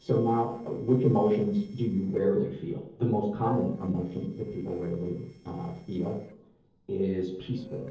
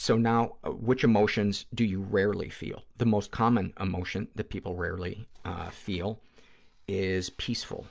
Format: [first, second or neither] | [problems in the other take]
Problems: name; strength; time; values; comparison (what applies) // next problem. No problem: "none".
second | noise reduction (neural separator model SepFormer DNS4)